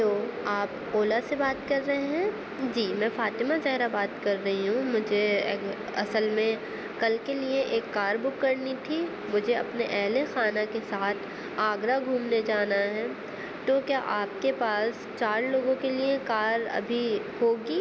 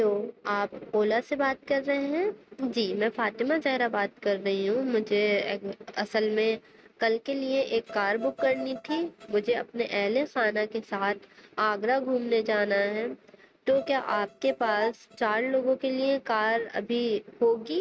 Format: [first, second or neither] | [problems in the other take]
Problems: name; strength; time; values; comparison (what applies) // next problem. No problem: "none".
first | noise reduction (neural mask model RNNoise)